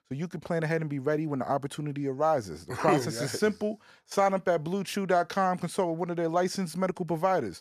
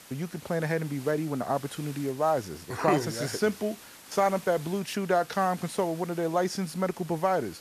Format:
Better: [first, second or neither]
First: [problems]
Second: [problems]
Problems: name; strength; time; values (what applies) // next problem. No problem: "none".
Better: first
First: none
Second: hiss; noticeable; throughout; 20 dB below the speech